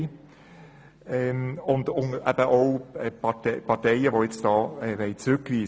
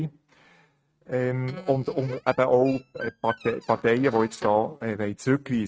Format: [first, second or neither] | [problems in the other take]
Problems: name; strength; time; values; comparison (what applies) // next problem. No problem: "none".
first | noise reduction (neural mask model RNNoise)